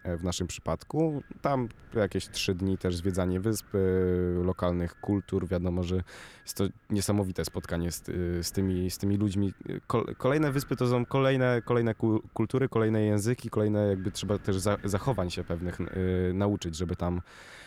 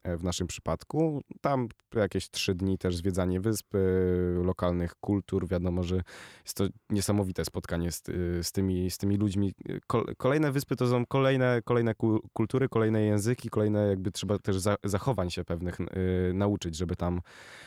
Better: second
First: wind noise on the microphone; occasional gusts; 20 dB below the speech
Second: none

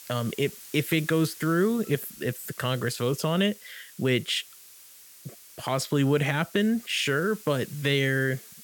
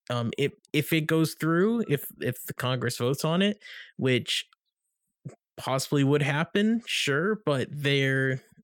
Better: second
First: hiss; noticeable; throughout; 20 dB below the speech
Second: none

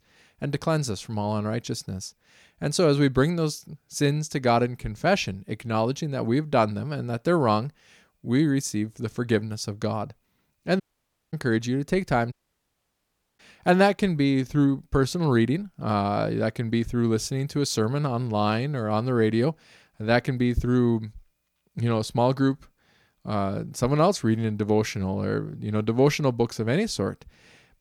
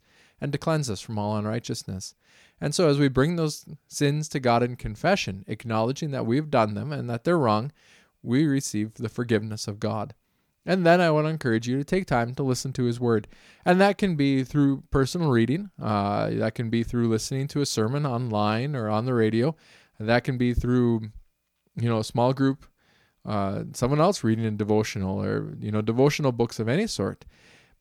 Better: second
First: audio cutting out; at 11 s for 0.5 s and at 12 s for 1 s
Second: none

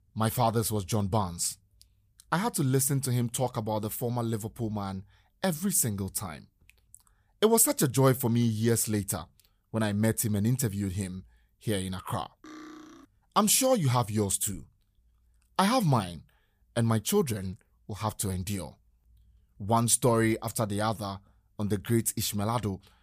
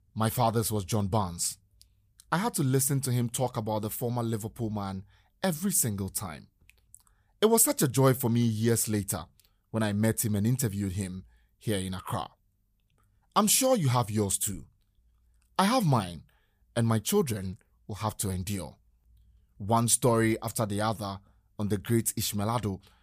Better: second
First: clattering dishes; faint; at 12 s; peak 20 dB below the speech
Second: none

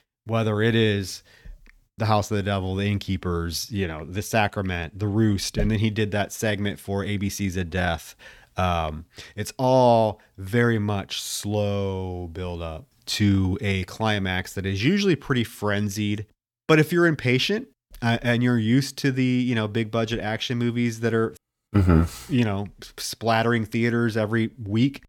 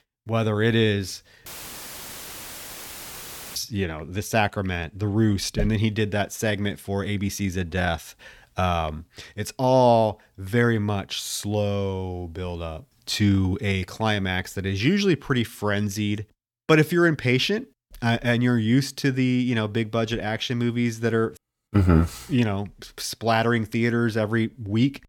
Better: first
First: none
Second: audio cutting out; filled with static; at 1.5 s for 2 s

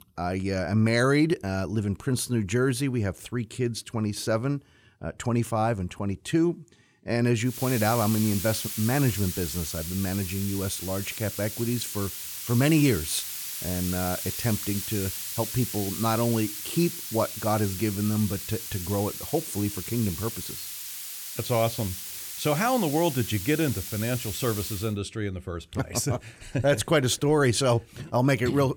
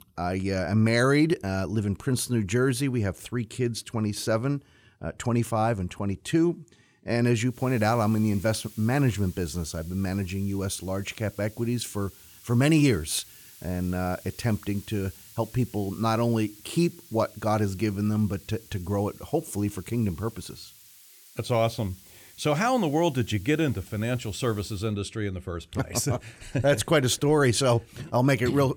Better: second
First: hiss; loud; from 7.5 to 25 s; 6 dB below the speech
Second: hiss; faint; from 7.5 to 25 s; 20 dB below the speech

